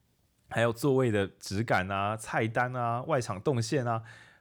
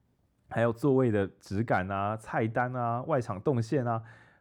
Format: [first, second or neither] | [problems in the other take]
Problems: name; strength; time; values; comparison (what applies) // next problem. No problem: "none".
first | muffled; slightly; fading above 2 kHz